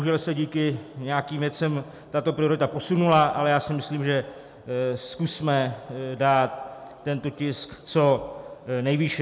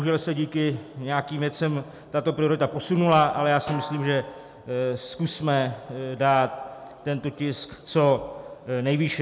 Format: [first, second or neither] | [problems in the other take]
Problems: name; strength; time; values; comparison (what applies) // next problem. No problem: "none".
first | background sound (Snare drum); 16 dB below the speech